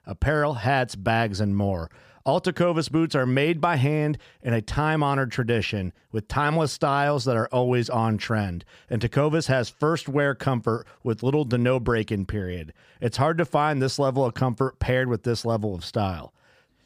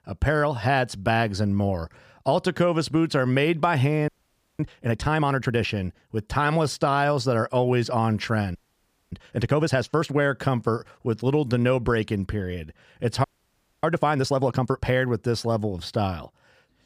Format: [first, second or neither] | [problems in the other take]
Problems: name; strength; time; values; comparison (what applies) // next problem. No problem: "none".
first | audio freezing; at 4 s for 0.5 s, at 8.5 s for 0.5 s and at 13 s for 0.5 s